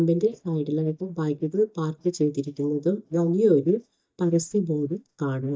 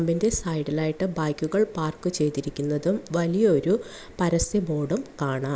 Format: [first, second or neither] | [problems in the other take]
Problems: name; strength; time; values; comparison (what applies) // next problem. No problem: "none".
second | noise reduction (neural mask model DeepFilterNet 3)